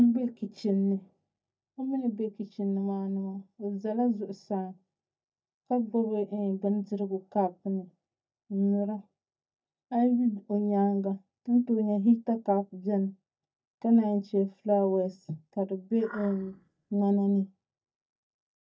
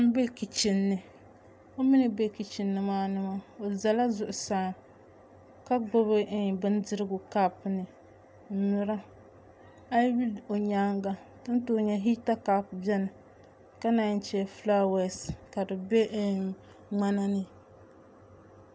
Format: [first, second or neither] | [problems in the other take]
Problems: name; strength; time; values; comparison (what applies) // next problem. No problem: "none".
second | noise reduction (neural mask model DeepFilterNet 3)